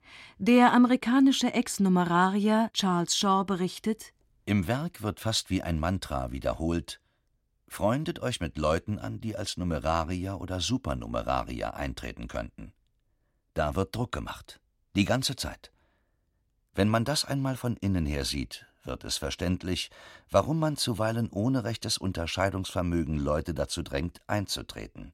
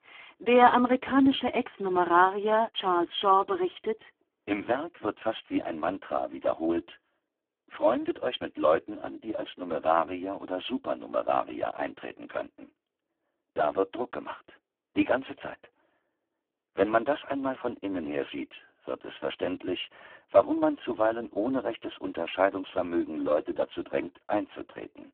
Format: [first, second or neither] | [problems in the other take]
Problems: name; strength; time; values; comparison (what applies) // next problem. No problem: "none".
first | phone-call audio; poor line; nothing above 3.5 kHz